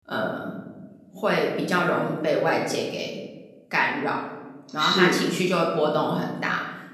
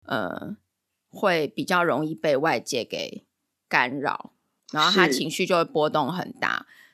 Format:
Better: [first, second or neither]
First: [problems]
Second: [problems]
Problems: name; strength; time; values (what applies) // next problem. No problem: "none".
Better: second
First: off-mic speech; far // room echo; noticeable; dies away in 1 s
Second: none